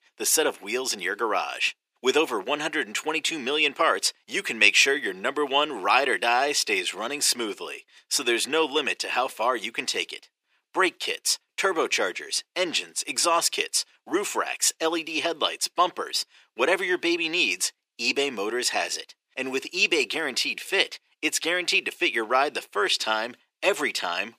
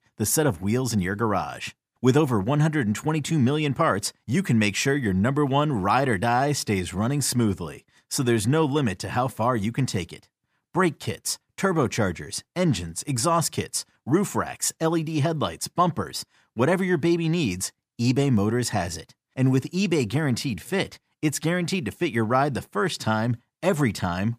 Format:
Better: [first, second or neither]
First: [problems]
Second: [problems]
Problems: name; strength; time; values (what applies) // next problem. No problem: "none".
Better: second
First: thin; very; fading below 400 Hz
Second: none